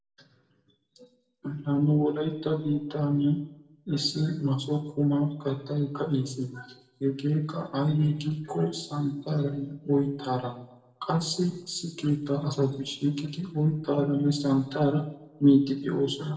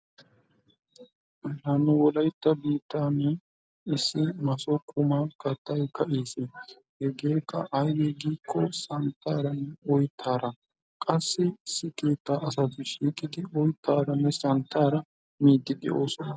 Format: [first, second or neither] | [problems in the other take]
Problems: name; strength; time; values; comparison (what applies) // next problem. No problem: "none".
second | room echo; dies away in 0.6 s